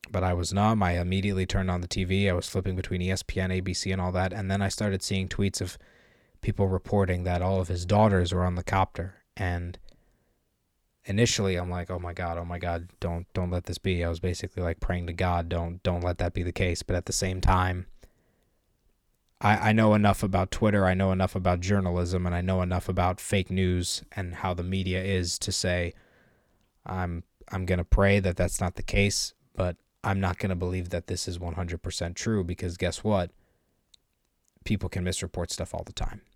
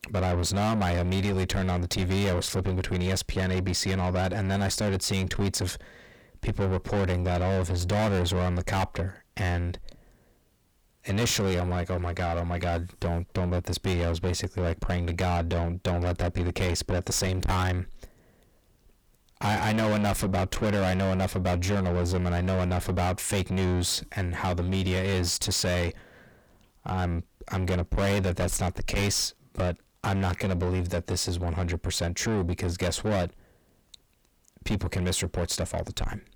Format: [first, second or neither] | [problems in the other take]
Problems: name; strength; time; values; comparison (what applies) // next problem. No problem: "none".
first | distortion; heavy; 7 dB below the speech